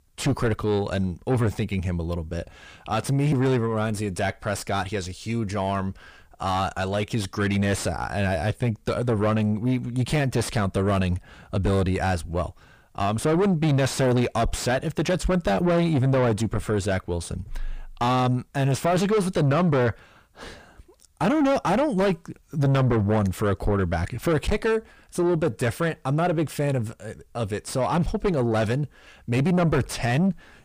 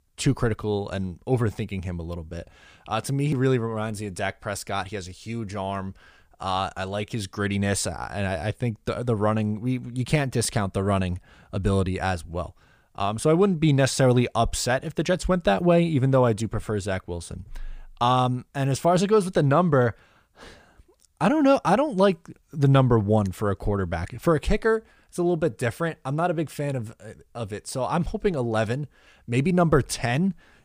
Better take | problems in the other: second | distortion; heavy; 7 dB below the speech

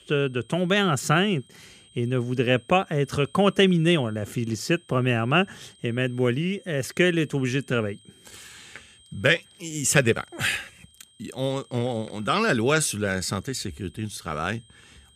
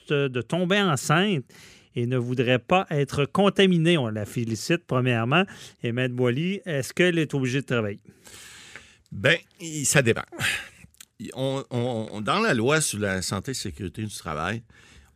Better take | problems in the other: second | high-pitched whine; faint; throughout; 3 kHz, 30 dB below the speech

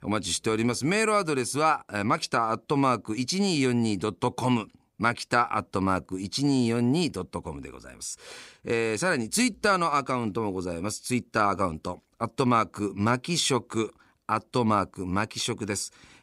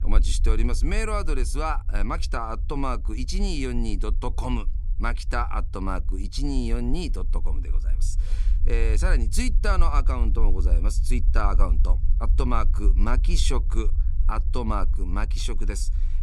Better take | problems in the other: first | low rumble; noticeable; throughout; 20 dB below the speech

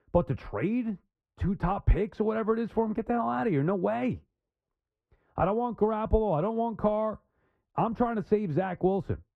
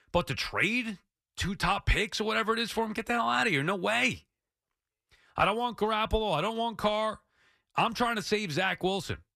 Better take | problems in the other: second | muffled; very; fading above 2 kHz

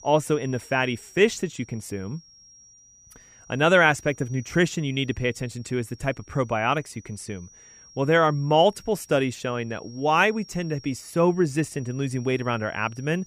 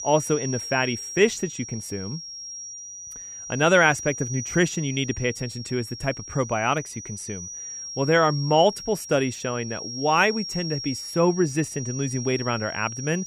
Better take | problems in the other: first | high-pitched whine; loud; throughout; 5.5 kHz, 9 dB below the speech; faint in the first

